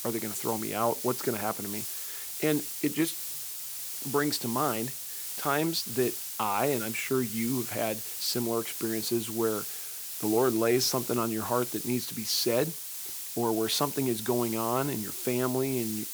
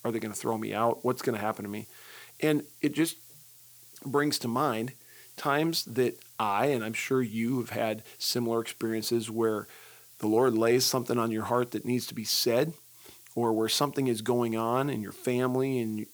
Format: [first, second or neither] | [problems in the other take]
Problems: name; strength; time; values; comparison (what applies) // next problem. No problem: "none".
second | hiss; loud; throughout; 3 dB below the speech; faint in the second